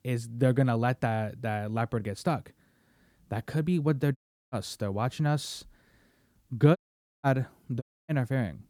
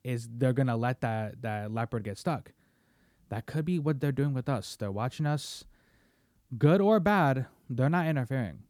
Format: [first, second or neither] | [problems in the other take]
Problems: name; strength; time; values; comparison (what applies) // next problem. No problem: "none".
second | audio cutting out; at 4 s, at 7 s and at 8 s